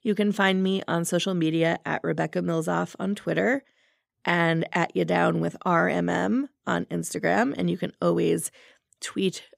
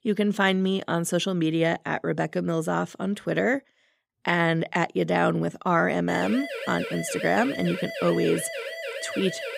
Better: first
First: none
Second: siren; noticeable; from 6 s on; peak 7 dB below the speech

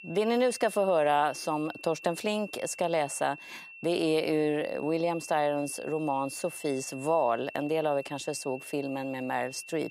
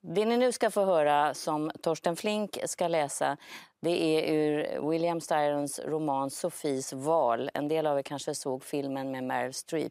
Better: second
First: high-pitched whine; noticeable; throughout; 2.5 kHz, 15 dB below the speech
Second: none

